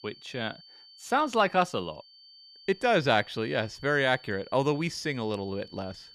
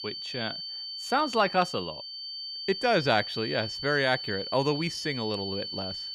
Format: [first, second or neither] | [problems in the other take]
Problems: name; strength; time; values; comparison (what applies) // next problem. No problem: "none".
first | high-pitched whine; loud; throughout; 4.5 kHz, 6 dB below the speech; faint in the first